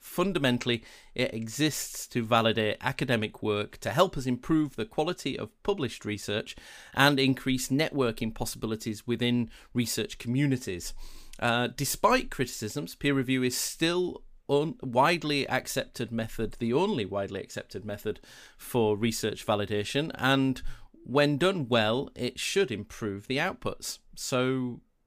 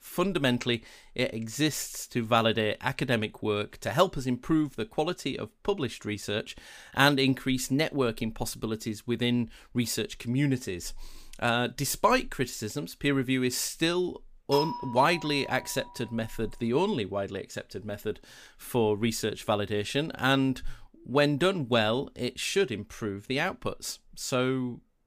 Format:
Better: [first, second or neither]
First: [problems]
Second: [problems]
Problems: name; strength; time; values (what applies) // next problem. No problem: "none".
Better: first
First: none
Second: doorbell; noticeable; at 15 s; peak 3 dB below the speech